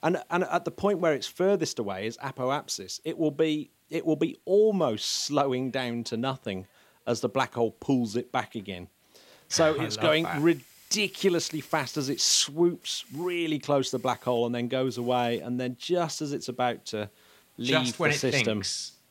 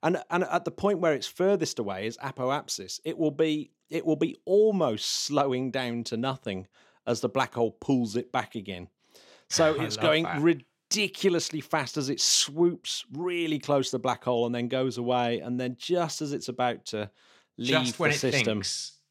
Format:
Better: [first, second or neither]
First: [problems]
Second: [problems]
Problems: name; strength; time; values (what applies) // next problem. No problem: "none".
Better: second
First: hiss; faint; throughout; 30 dB below the speech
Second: none